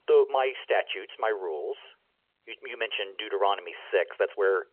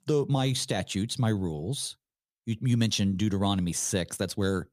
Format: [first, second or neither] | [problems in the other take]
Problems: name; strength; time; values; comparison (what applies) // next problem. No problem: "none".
second | phone-call audio; nothing above 3 kHz